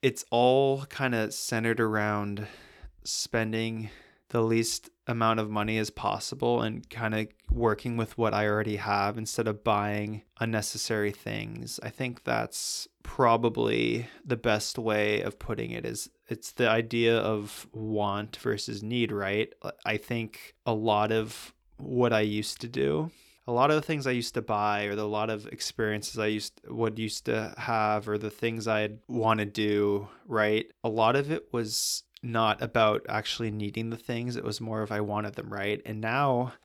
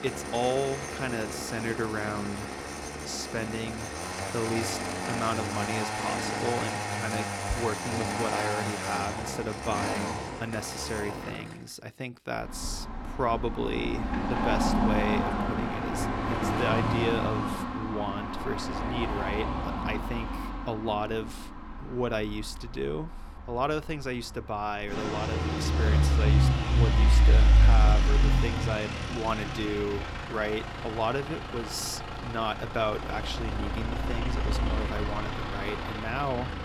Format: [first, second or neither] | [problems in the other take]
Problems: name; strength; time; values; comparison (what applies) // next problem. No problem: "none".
first | traffic noise; very loud; throughout; 4 dB above the speech